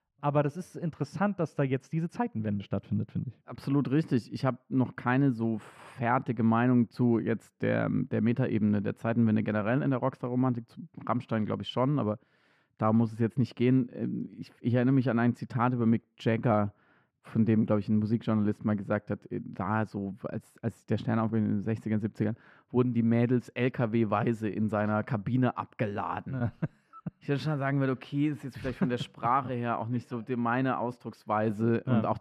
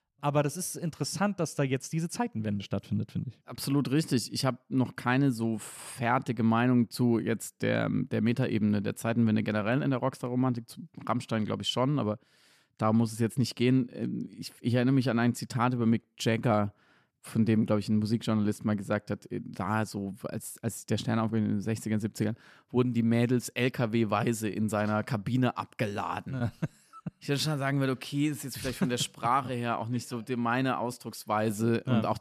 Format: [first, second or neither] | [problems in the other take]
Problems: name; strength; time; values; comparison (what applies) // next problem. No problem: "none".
second | muffled; very; fading above 4 kHz